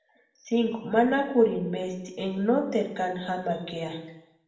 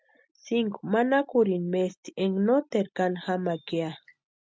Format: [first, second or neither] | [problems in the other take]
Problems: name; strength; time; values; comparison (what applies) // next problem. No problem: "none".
second | room echo; dies away in 0.8 s